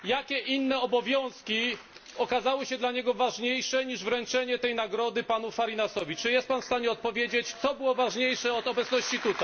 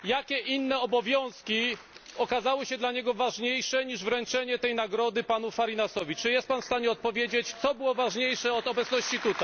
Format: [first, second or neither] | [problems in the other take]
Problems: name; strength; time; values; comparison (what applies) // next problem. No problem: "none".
second | room echo; dies away in 0.5 s